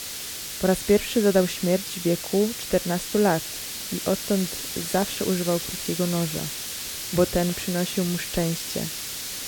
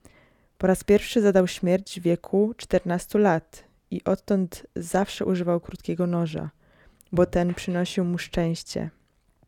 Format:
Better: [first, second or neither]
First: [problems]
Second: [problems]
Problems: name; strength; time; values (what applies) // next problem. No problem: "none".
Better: second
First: hiss; loud; throughout; 5 dB below the speech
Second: none